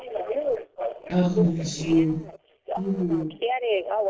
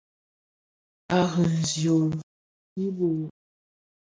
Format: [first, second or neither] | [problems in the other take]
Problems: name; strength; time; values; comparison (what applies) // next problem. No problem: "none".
second | noise reduction (neural separator model SepFormer DNS4)